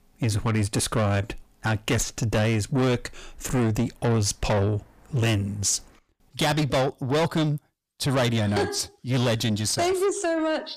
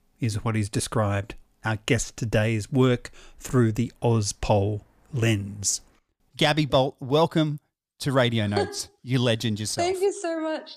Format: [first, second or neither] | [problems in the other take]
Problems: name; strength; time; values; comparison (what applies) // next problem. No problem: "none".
second | distortion; heavy; 7 dB below the speech